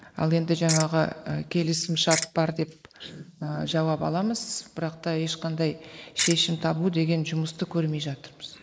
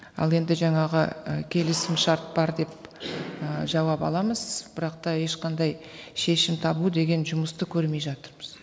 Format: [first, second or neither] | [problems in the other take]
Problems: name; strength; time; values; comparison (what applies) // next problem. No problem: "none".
second | noise reduction (neural mask model Resemble Enhance denoiser)